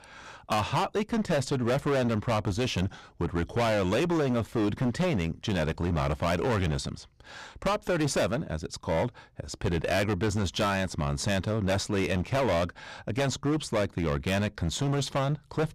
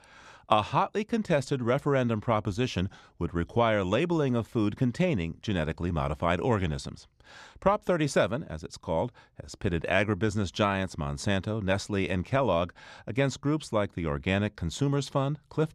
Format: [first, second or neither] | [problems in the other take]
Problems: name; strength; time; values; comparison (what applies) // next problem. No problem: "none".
second | distortion; heavy; 20% of the sound clipped